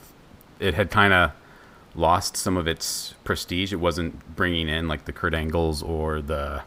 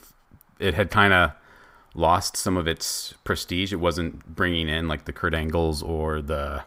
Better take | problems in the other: second | hiss; faint; throughout; 30 dB below the speech

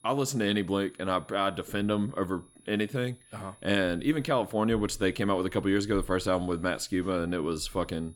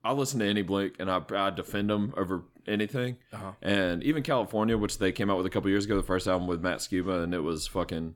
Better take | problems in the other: second | high-pitched whine; faint; throughout; 10.5 kHz, 30 dB below the speech

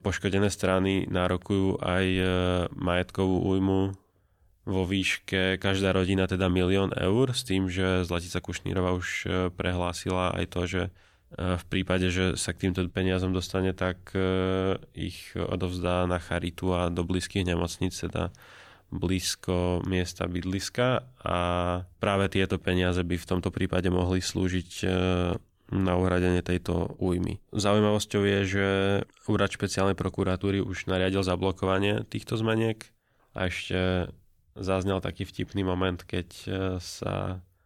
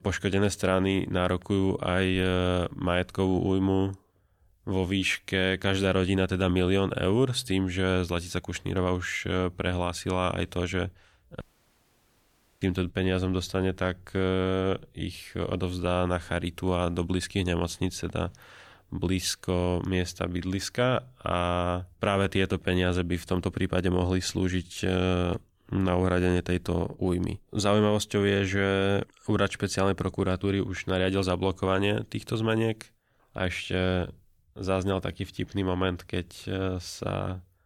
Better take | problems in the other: first | audio cutting out; at 11 s for 1 s

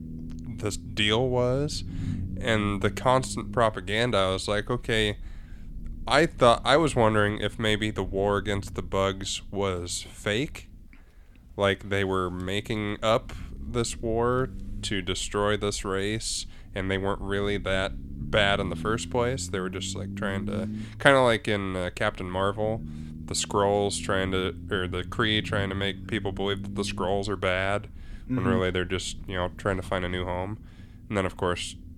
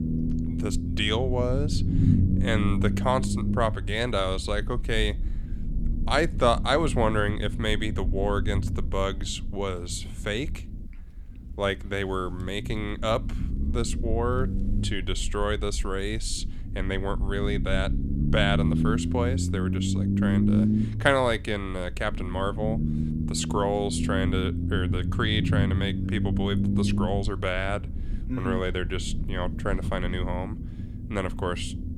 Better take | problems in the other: first | low rumble; loud; throughout; 8 dB below the speech; faint in the first

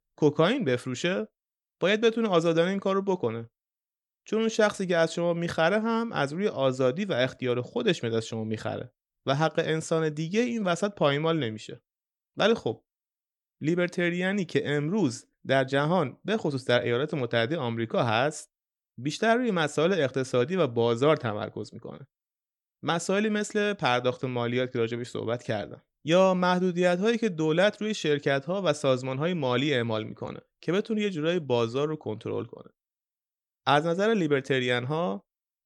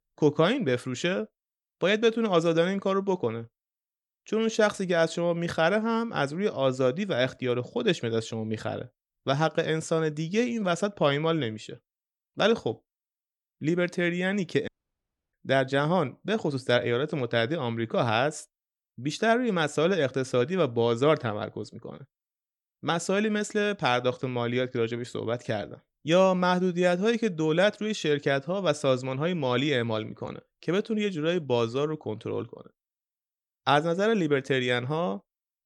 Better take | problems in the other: first | audio cutting out; at 15 s for 0.5 s

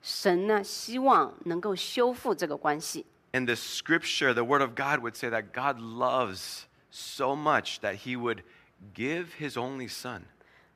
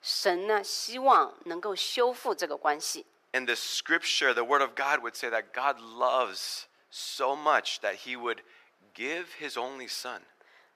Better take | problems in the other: first | thin; somewhat; fading below 550 Hz

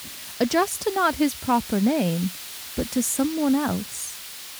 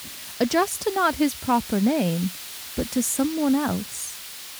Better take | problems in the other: neither | hiss; noticeable; throughout; 10 dB below the speech; the same in both

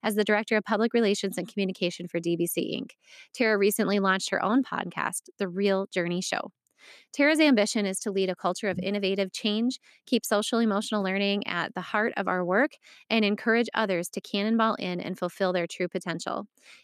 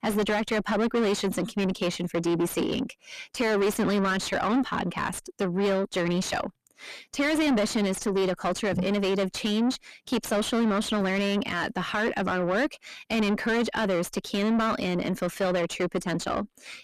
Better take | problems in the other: first | distortion; heavy; 6 dB below the speech

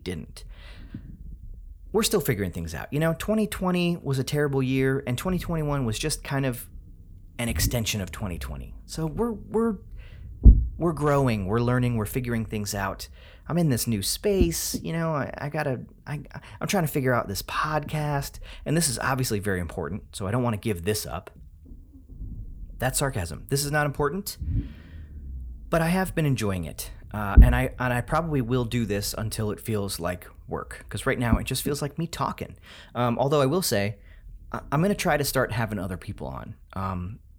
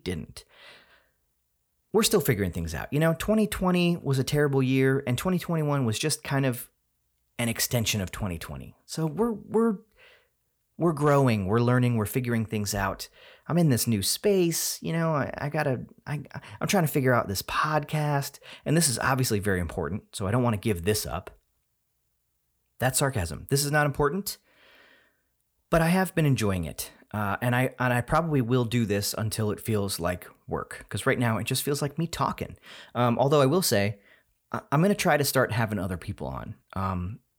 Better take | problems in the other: second | low rumble; noticeable; throughout; 15 dB below the speech

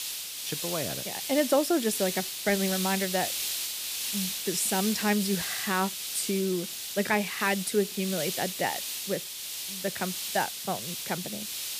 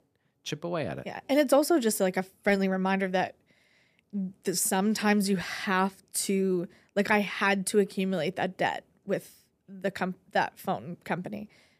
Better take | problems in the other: second | hiss; loud; throughout; 2 dB below the speech

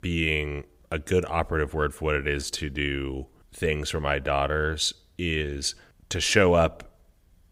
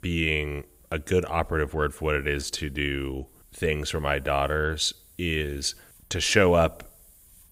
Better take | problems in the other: first | hiss; faint; throughout; 30 dB below the speech

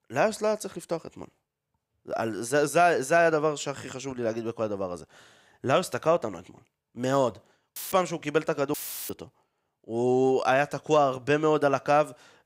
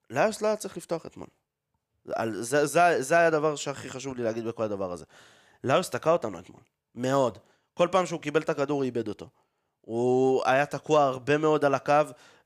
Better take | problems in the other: second | audio cutting out; filled with static; at 8 s and at 8.5 s

